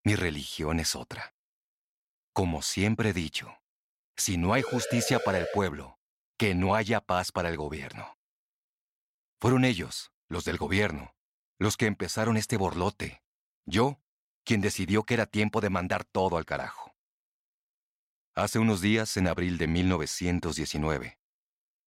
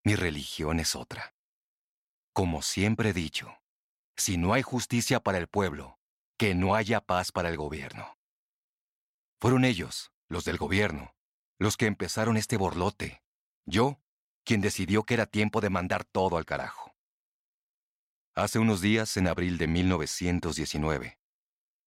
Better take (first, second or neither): second